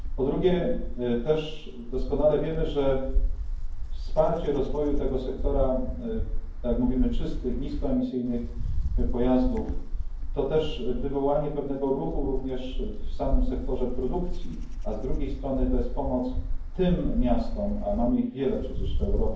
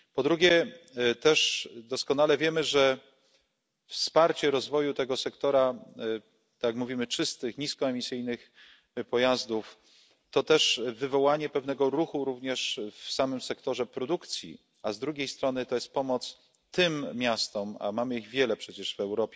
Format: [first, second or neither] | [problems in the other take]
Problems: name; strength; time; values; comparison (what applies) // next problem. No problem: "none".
second | background sound (Wind); as loud as the speech // room echo; dies away in 0.9 s